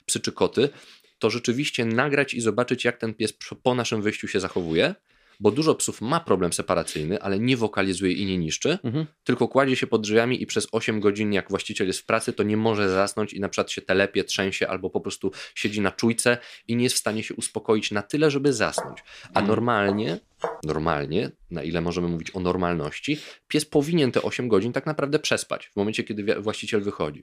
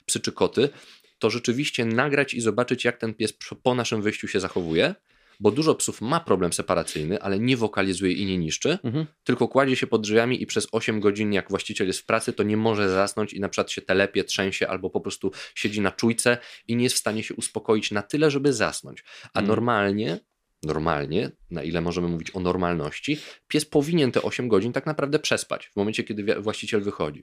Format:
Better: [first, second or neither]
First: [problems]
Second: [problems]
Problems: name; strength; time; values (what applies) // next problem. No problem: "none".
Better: second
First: footsteps; noticeable; from 19 to 21 s; peak 7 dB below the speech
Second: none